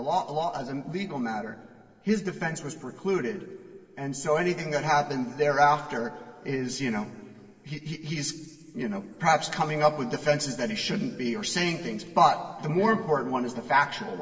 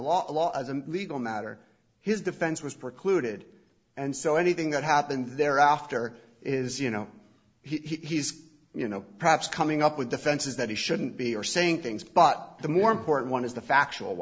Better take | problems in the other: second | room echo; dies away in 1.8 s

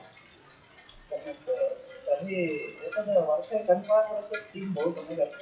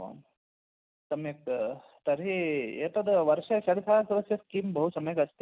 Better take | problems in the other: second | noise reduction (classical method WPE with log-MMSE)

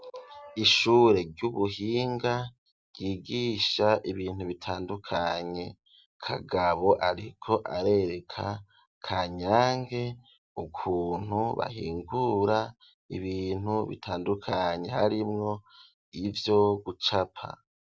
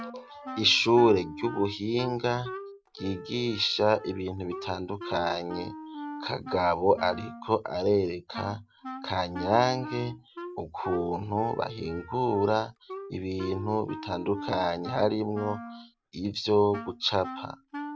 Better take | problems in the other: first | background sound (Wind instrument, woodwind instrument); 13 dB below the speech

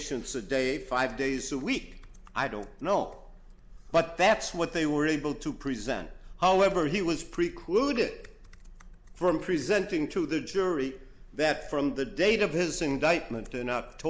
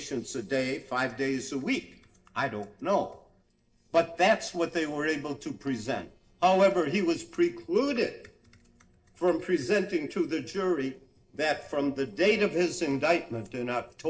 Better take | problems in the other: first | noise reduction (neural separator model SepFormer DNS4)

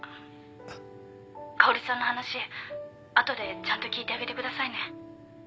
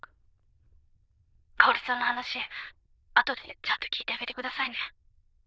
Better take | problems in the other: first | noise reduction (neural diffusion model UNIVERSE++)

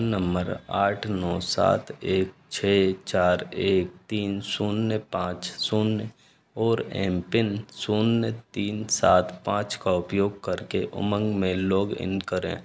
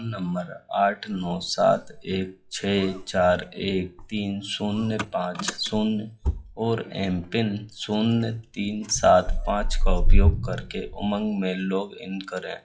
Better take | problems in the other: first | noise reduction (classical method WPE with log-MMSE)

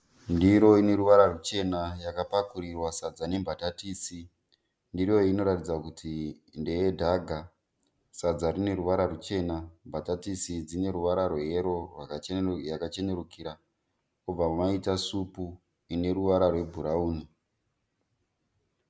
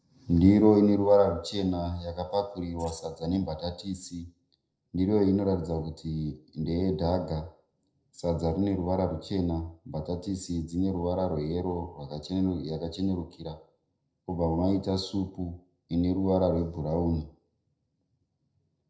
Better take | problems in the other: first | noise reduction (neural separator model SepFormer DNS4)

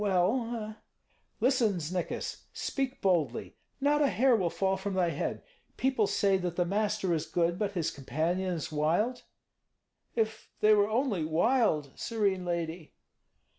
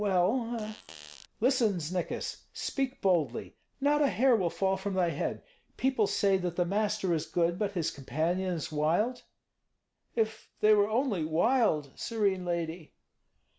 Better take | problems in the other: first | background sound (Fart); 18 dB below the speech

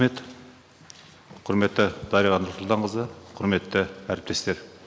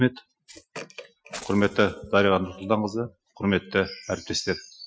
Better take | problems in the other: first | noise reduction (classical method Wiener filter)

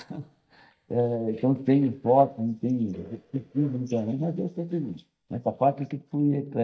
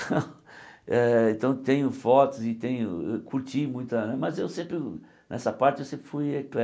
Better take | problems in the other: second | noise reduction (neural mask model DeepFilterNet 3)

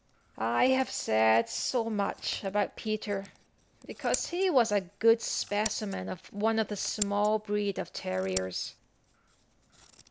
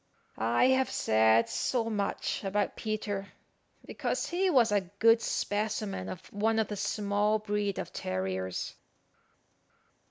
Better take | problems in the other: second | background sound (Scissors); 16 dB below the speech

